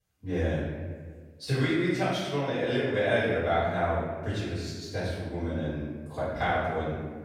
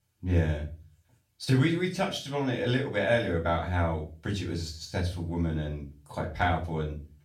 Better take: second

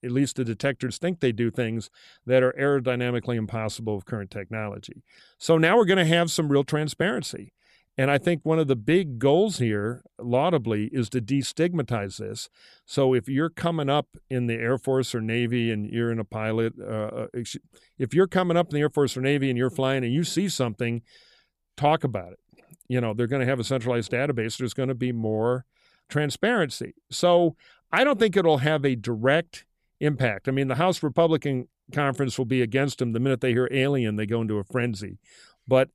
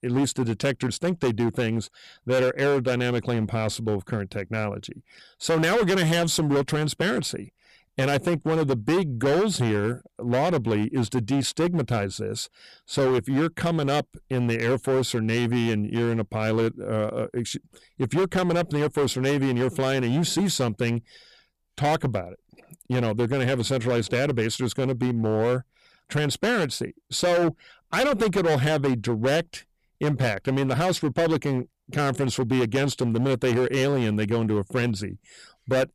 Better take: first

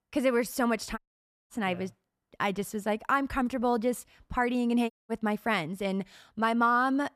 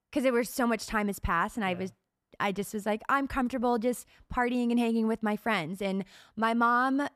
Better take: second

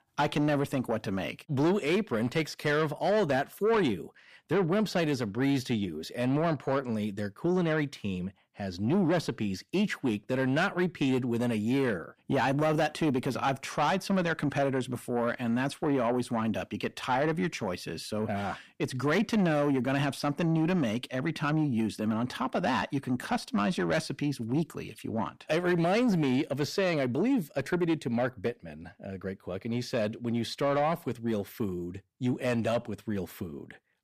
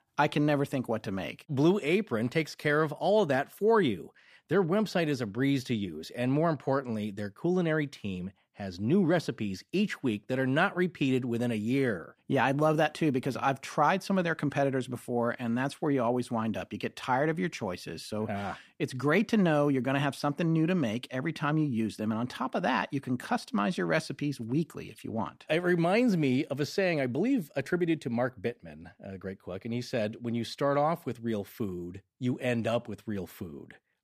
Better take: second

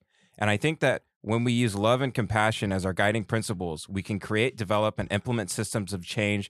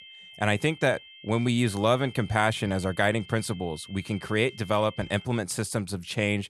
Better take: first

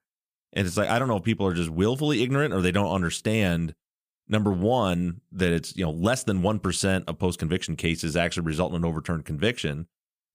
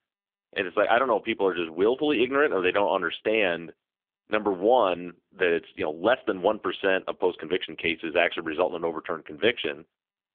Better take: first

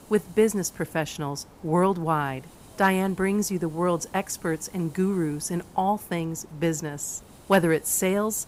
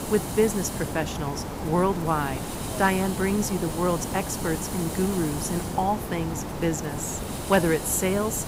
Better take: first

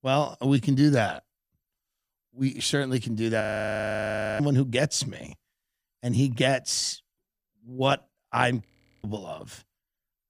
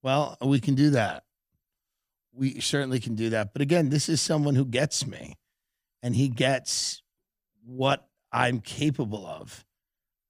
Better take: second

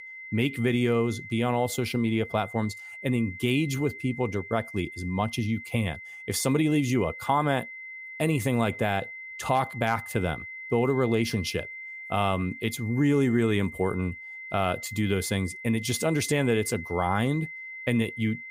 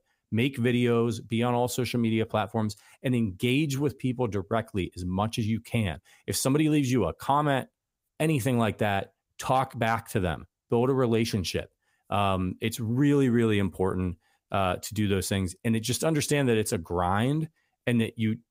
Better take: second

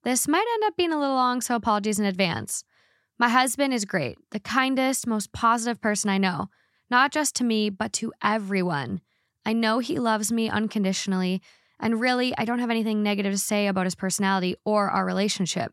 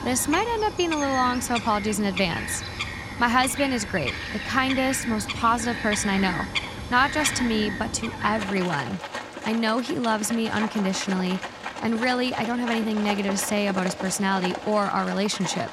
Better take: first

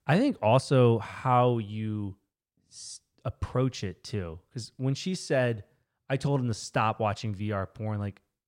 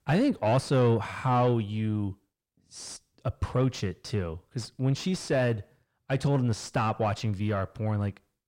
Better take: first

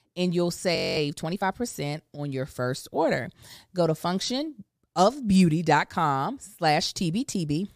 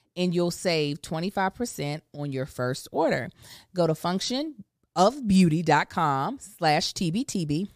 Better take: second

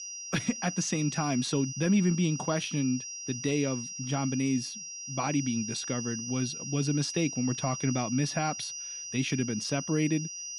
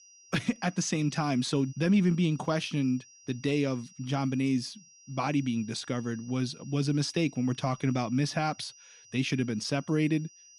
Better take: second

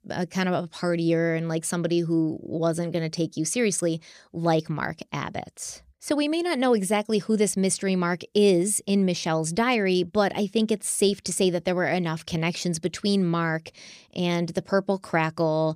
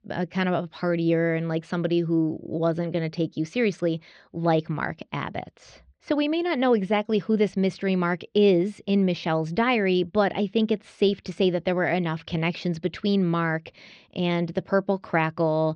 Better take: first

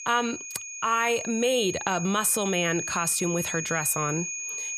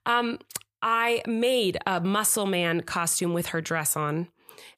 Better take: second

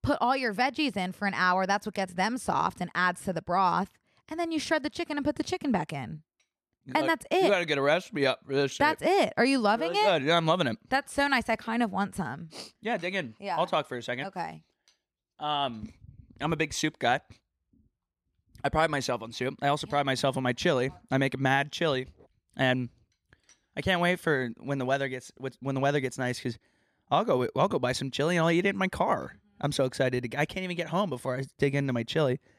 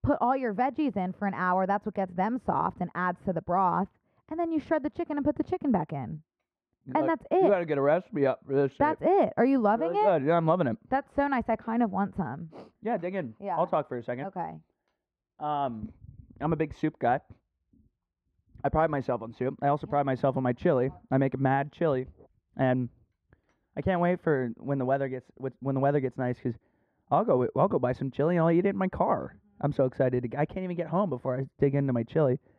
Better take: first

